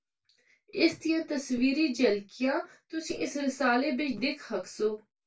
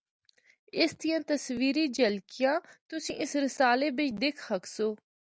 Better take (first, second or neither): second